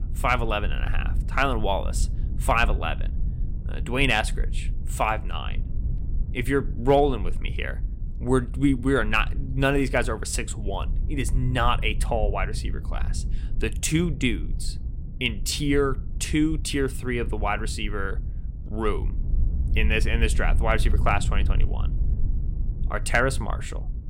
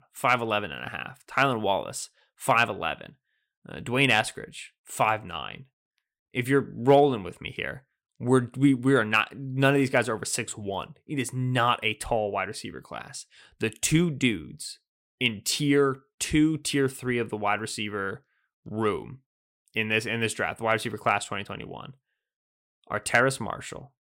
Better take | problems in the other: second | wind noise on the microphone; occasional gusts; 20 dB below the speech

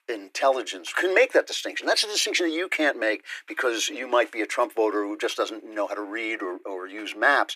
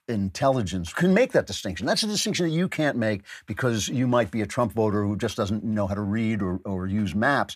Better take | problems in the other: second | thin; very; fading below 300 Hz

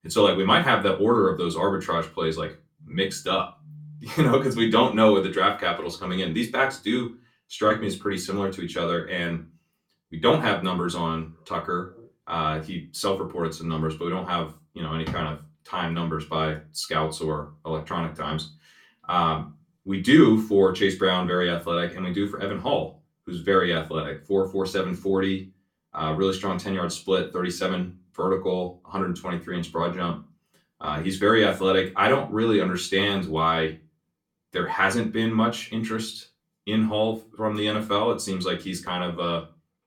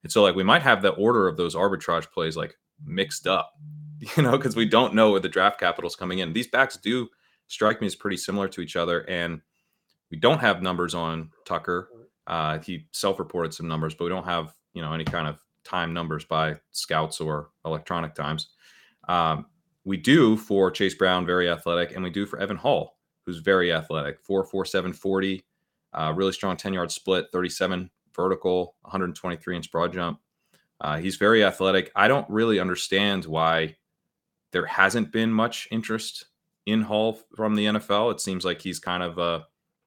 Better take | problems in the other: second | off-mic speech; far // room echo; very slight; dies away in 0.2 s

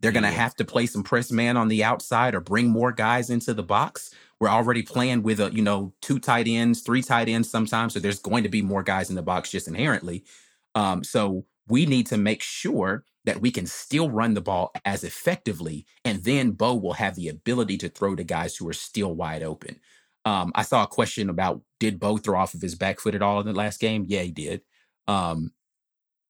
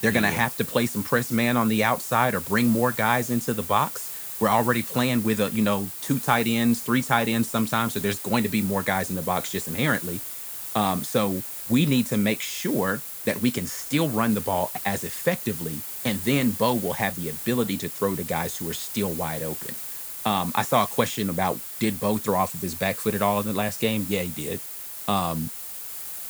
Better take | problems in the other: first | hiss; loud; throughout; 7 dB below the speech

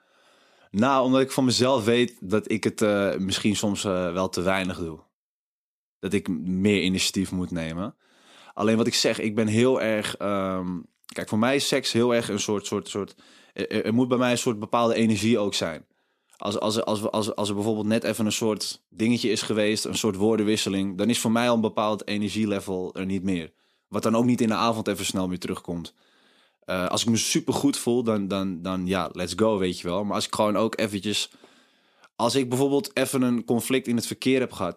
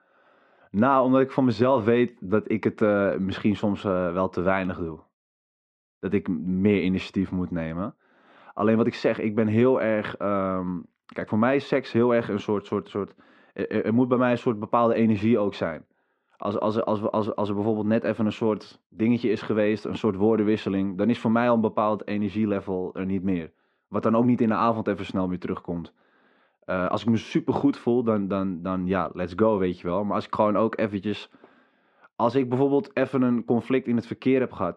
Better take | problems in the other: first | muffled; very; fading above 1.5 kHz

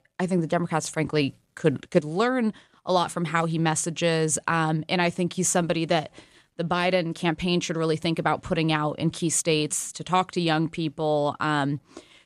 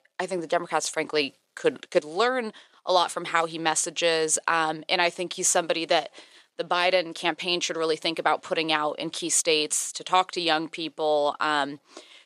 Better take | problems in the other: first | thin; very; fading below 500 Hz

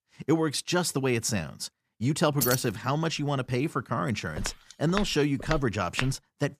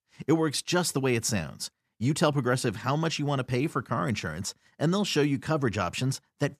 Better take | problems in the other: second | jangling keys; noticeable; at 2.5 s; peak level with the speech // footsteps; noticeable; from 4.5 s on; peak 7 dB below the speech

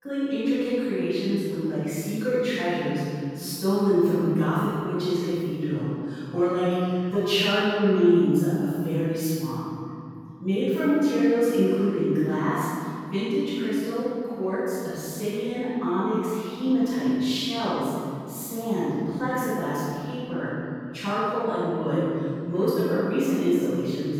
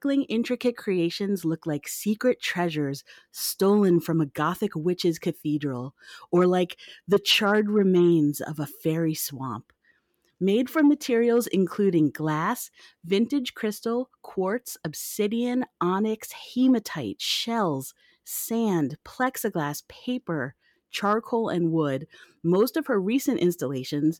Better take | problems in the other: second | off-mic speech; far // room echo; strong; dies away in 2.4 s

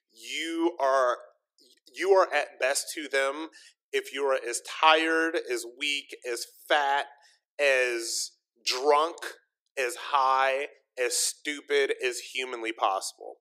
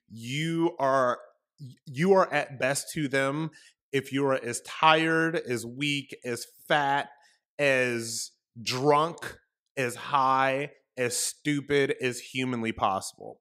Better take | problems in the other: second | thin; very; fading below 350 Hz

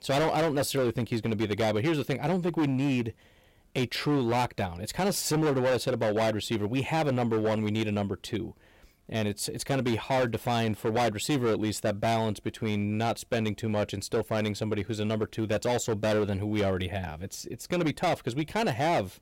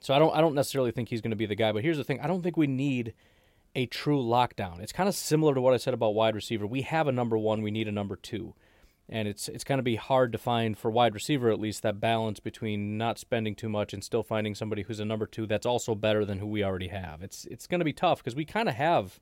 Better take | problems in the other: second | distortion; heavy; 15% of the sound clipped

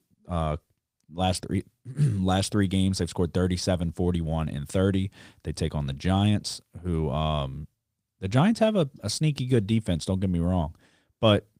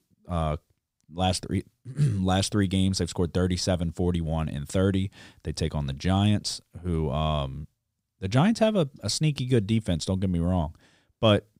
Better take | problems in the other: second | garbled, watery; slightly; nothing above 15.5 kHz

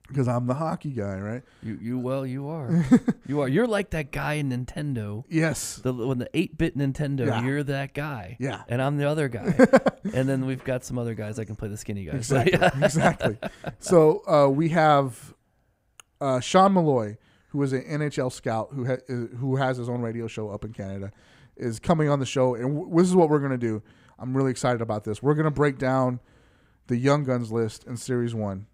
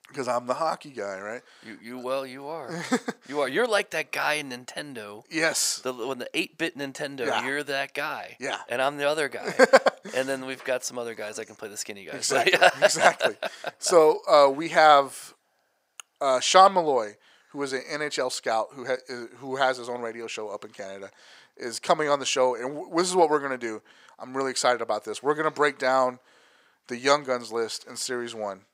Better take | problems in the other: first | thin; very; fading below 600 Hz

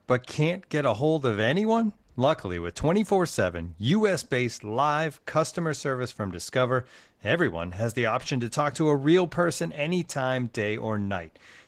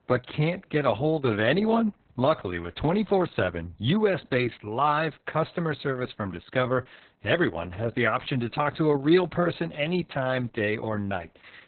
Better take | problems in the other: first | garbled, watery; badly; nothing above 4 kHz; slightly in the first

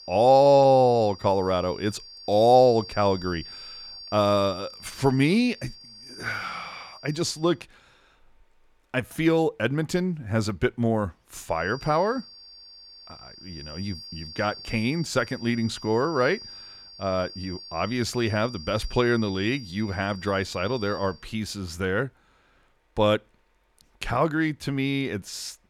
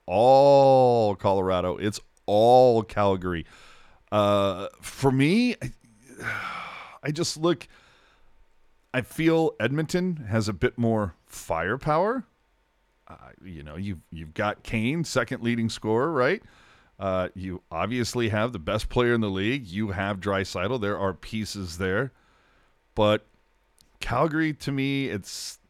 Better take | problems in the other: second | high-pitched whine; noticeable; until 7.5 s and from 12 to 21 s; 4.5 kHz, 15 dB below the speech

